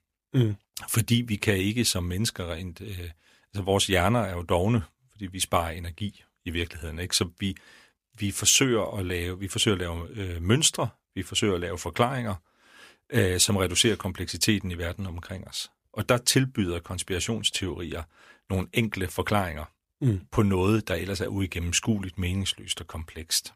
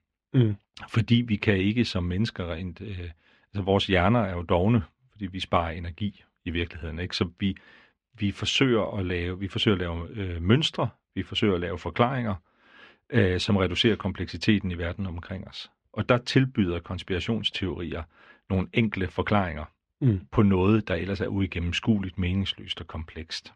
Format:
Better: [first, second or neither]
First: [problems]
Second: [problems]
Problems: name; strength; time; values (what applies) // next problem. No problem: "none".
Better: first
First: none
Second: muffled; slightly; fading above 3.5 kHz